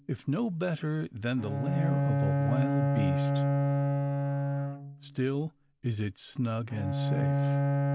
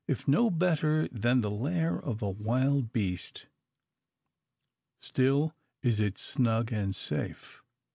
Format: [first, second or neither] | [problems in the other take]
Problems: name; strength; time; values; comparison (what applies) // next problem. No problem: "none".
second | background sound (Bowed string instrument); 4 dB above the speech